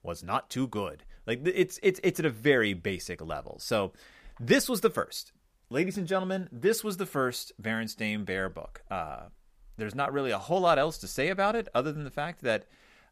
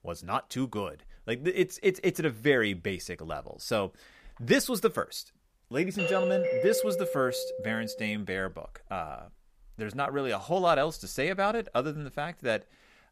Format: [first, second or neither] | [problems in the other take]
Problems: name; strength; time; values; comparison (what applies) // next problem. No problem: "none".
first | doorbell; loud; from 6 to 8 s; peak 3 dB above the speech